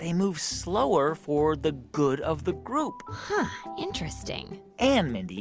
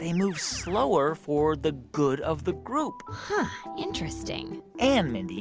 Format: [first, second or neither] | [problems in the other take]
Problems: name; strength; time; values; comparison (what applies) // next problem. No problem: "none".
first | background sound (Keyboard (musical)); 16 dB below the speech